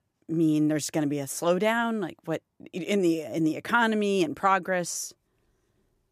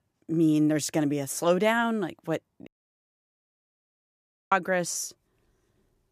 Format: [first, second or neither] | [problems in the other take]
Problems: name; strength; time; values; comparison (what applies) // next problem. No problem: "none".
first | audio cutting out; at 2.5 s for 2 s